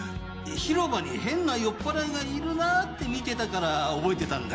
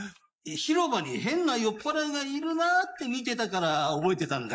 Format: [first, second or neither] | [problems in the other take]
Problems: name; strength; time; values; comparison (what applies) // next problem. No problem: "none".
first | noise reduction (neural mask model Resemble Enhance denoiser)